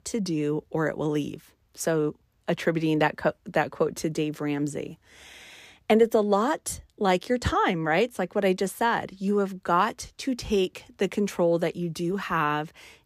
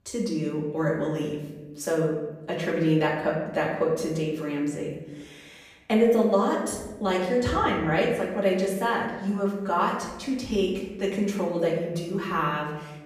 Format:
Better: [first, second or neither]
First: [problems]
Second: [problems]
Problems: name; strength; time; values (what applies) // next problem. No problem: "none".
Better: first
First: none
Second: off-mic speech; far // room echo; noticeable; dies away in 0.9 s